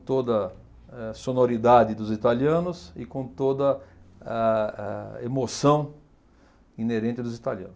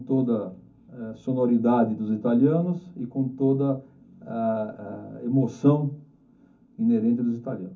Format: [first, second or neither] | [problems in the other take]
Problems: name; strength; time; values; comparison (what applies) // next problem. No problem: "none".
first | room echo; dies away in 0.3 s